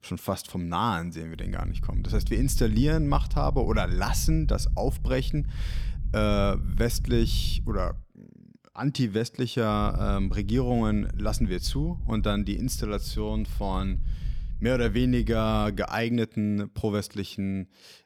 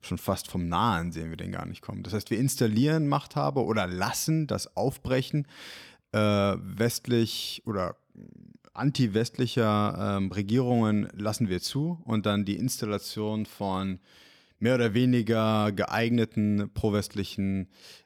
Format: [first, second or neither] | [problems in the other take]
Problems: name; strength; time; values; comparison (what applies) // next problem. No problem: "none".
second | low rumble; noticeable; from 1.5 to 8 s and from 10 to 16 s; 20 dB below the speech